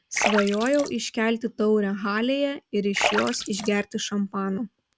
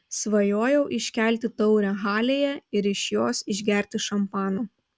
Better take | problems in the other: second | background sound (Splash, splatter); 7 dB below the speech

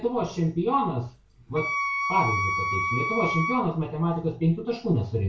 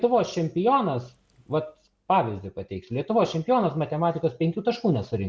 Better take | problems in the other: second | background sound (Wind instrument, woodwind instrument); 2 dB below the speech // room echo; dies away in 0.2 s

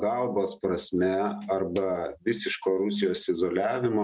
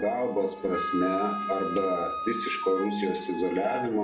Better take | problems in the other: first | background sound (Wind instrument, woodwind instrument); 6 dB below the speech // room echo; dies away in 0.6 s

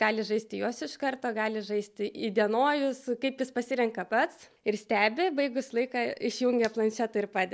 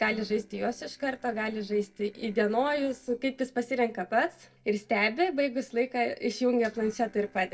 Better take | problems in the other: first | noise reduction (neural separator model SepFormer DNS4)

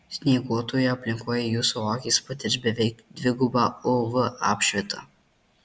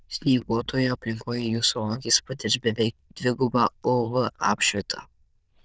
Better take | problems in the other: first | noise reduction (neural diffusion model UNIVERSE++)

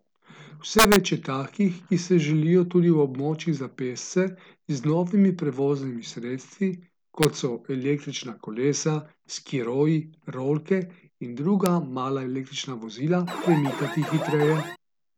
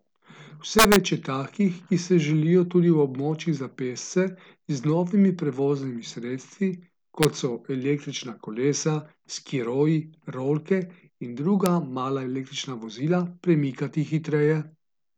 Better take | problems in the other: second | background sound (Alarm); 7 dB below the speech

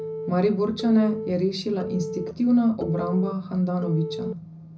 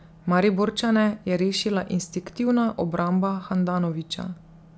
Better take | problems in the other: second | background sound (Telephone); 11 dB below the speech // room echo; dies away in 0.4 s

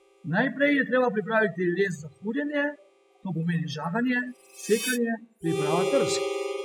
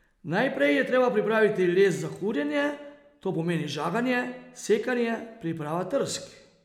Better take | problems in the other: second | noise reduction (classical method spectral subtraction)

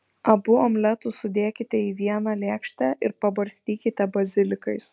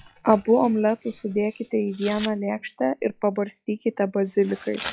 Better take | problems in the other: first | noise reduction (classical method log-MMSE)

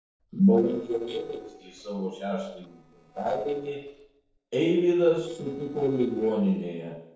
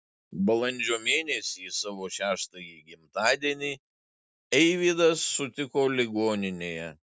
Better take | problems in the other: second | noise reduction (neural separator model SepFormer DNS4)

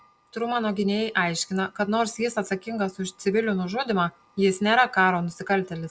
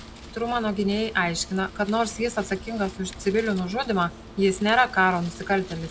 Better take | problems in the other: first | background sound (Wind); 16 dB below the speech

